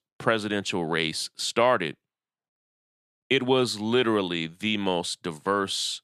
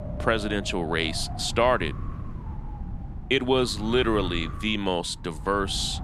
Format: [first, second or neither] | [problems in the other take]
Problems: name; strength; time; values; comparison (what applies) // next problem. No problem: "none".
first | wind noise on the microphone; occasional gusts; 15 dB below the speech